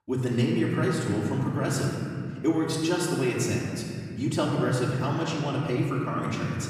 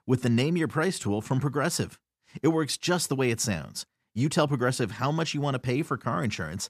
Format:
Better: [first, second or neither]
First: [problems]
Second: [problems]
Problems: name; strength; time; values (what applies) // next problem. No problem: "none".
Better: second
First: room echo; noticeable; dies away in 2.7 s // off-mic speech; far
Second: none